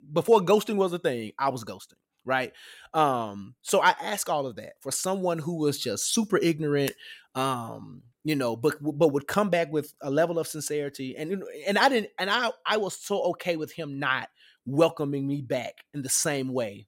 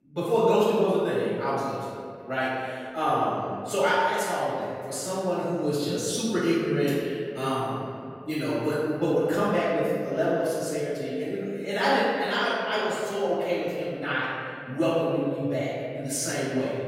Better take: first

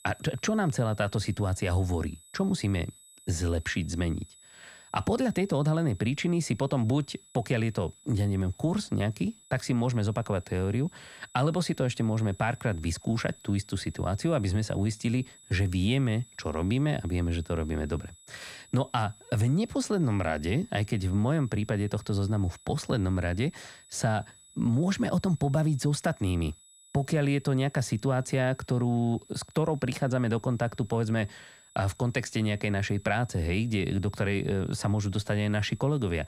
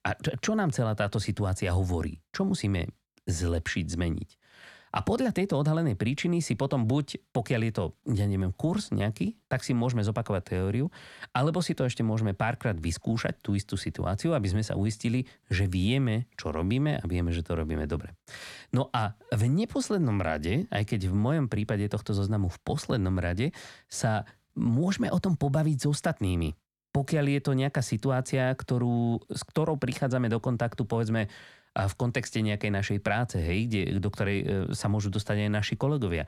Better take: second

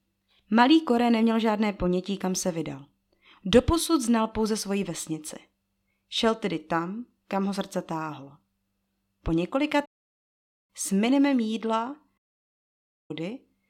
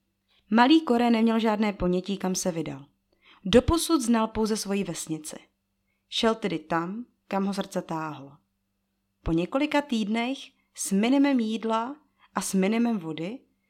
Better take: second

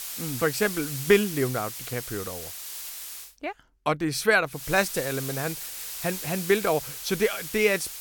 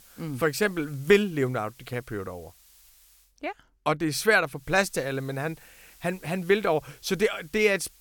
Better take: second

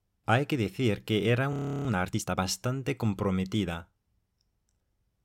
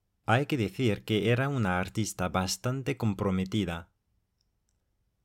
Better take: second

